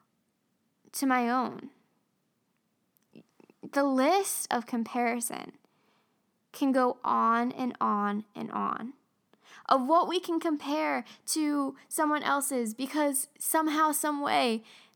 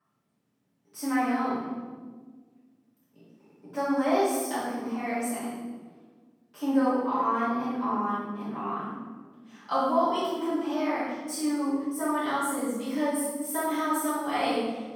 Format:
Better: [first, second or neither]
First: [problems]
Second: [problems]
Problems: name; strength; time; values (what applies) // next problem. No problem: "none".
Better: first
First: none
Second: room echo; strong; dies away in 1.4 s // off-mic speech; far